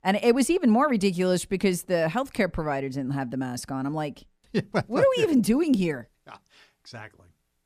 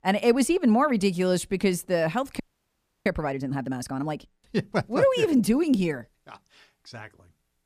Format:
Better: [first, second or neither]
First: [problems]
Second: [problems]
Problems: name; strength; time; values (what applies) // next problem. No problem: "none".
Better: first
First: none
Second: audio freezing; at 2.5 s for 0.5 s